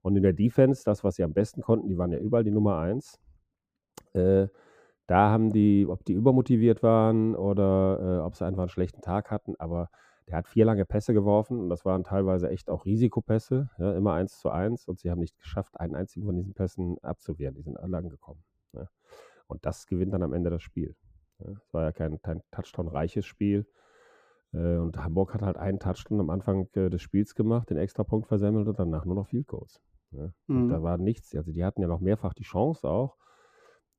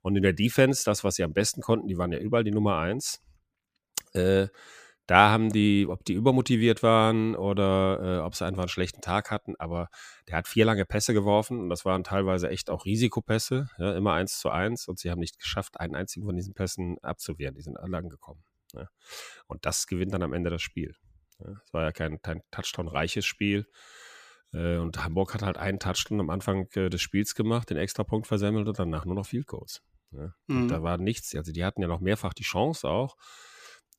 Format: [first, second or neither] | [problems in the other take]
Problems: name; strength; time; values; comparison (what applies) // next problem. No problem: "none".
second | muffled; very; fading above 1.5 kHz